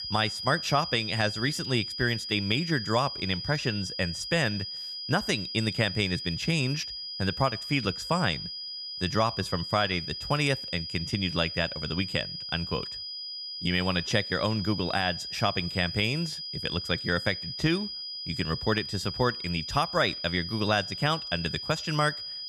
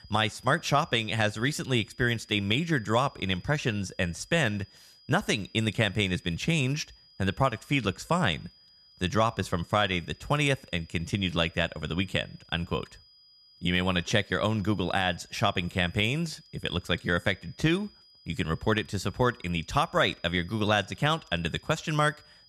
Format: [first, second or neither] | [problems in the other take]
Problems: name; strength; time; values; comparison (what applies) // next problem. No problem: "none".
second | high-pitched whine; loud; throughout; 5 kHz, 6 dB below the speech; faint in the second